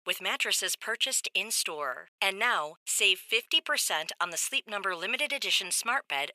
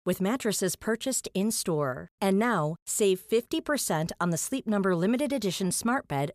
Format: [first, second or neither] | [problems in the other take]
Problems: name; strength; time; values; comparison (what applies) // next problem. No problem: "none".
second | thin; very; fading below 850 Hz